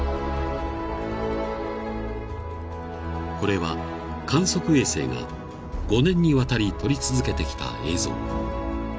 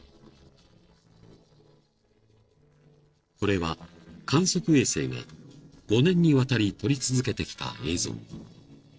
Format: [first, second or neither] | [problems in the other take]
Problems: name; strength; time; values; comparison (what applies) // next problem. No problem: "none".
first | noise reduction (neural separator model SepFormer DNS4)